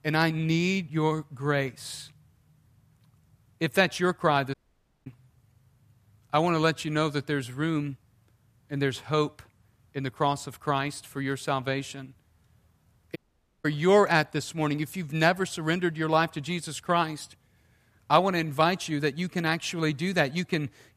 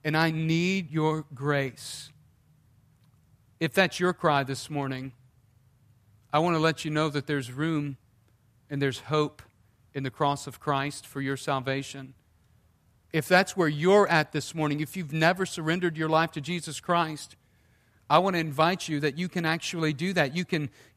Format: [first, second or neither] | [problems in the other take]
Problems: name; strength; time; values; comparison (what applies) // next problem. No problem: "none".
second | audio cutting out; at 4.5 s for 0.5 s and at 13 s